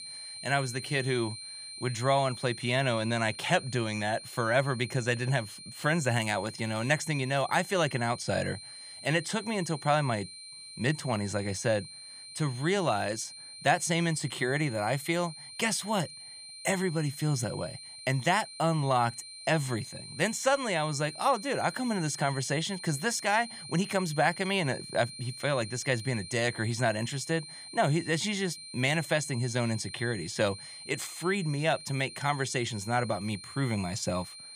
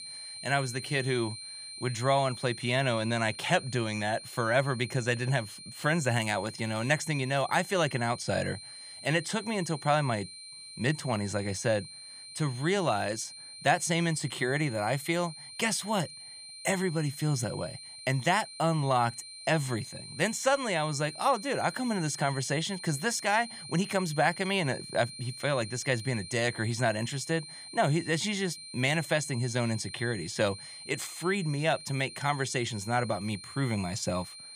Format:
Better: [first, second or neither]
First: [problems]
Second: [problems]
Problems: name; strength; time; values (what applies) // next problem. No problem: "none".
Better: neither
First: high-pitched whine; noticeable; throughout; 4 kHz, 10 dB below the speech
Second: high-pitched whine; noticeable; throughout; 4 kHz, 10 dB below the speech